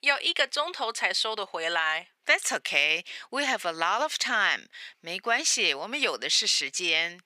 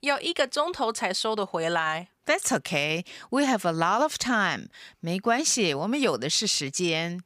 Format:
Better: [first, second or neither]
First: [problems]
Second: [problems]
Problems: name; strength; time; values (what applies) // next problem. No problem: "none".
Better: second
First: thin; somewhat; fading below 450 Hz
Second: none